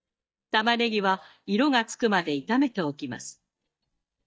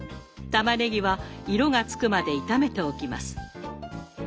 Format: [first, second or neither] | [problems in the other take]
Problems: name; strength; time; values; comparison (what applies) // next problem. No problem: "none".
second | noise reduction (neural mask model DeepFilterNet 3)